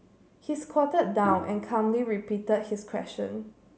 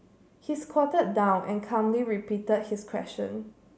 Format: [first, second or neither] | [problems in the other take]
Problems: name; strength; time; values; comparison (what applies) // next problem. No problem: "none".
second | background sound (Bowed string instrument); 14 dB below the speech